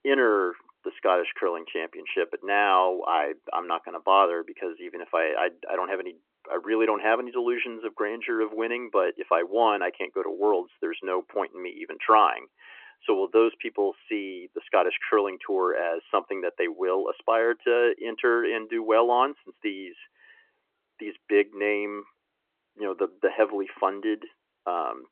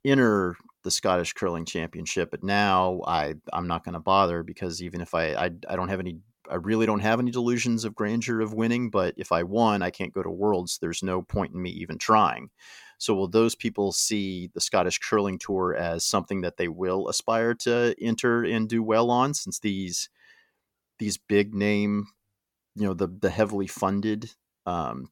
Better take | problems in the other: second | phone-call audio

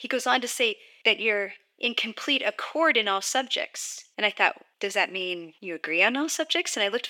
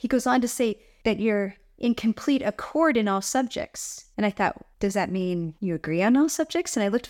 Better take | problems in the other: second | thin; somewhat; fading below 350 Hz

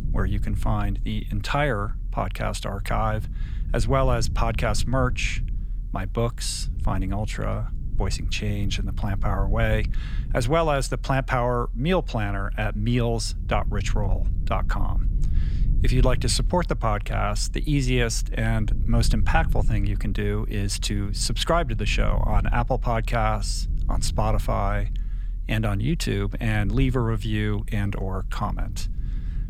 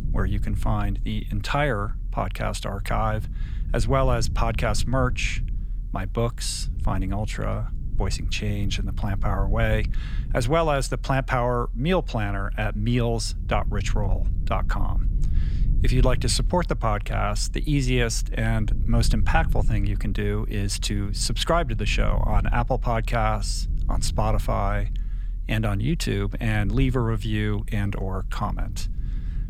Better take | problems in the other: neither | low rumble; faint; throughout; 20 dB below the speech; the same in both

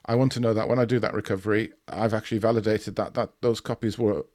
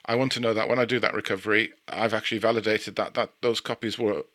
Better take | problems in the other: first | thin; very slightly; fading below 350 Hz

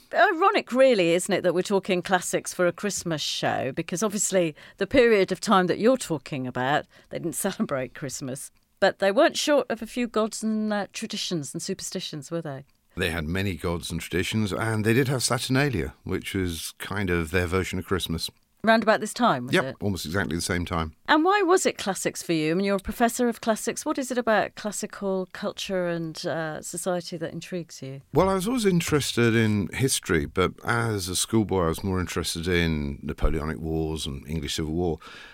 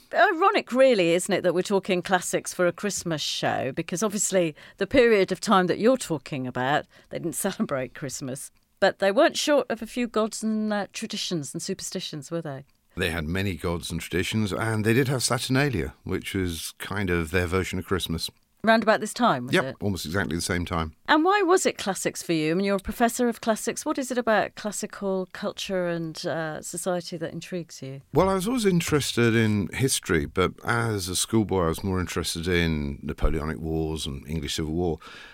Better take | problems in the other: neither | none

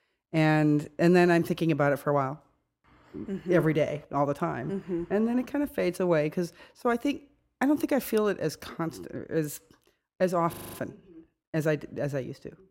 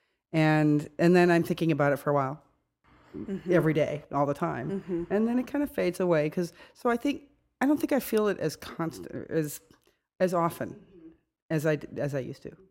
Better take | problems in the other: second | audio freezing; at 11 s

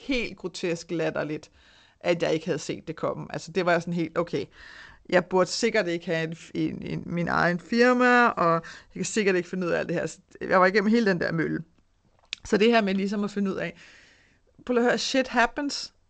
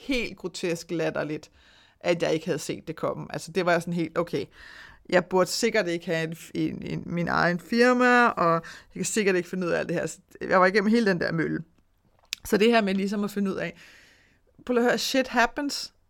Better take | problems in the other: second | garbled, watery; slightly; nothing above 8 kHz

